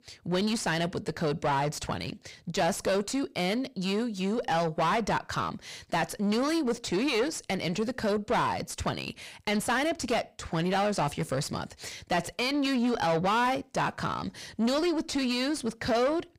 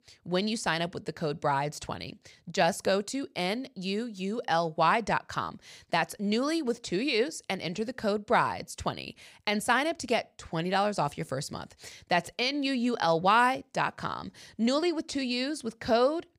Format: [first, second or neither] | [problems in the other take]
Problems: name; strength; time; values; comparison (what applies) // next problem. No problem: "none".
second | distortion; heavy; 7 dB below the speech